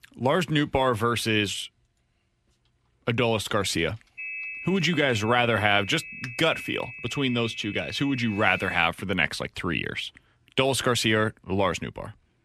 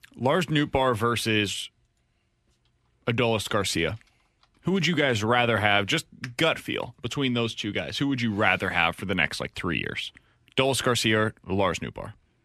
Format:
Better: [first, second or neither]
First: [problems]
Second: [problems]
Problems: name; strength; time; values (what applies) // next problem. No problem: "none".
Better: second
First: high-pitched whine; noticeable; from 4 to 9 s; 2.5 kHz, 10 dB below the speech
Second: none